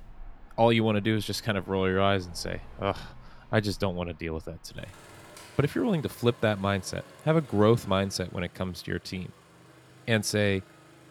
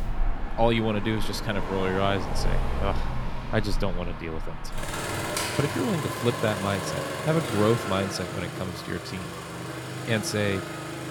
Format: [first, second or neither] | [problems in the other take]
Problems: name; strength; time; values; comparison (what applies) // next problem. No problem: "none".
first | traffic noise; loud; throughout; 4 dB below the speech; faint in the first